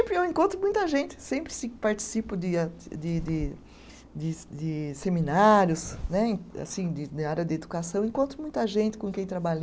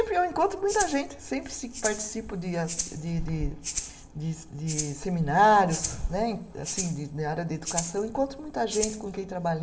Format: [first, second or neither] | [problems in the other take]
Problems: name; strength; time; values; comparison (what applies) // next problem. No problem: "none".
first | background sound (Rattle (instrument)); 10 dB below the speech // room echo; dies away in 1 s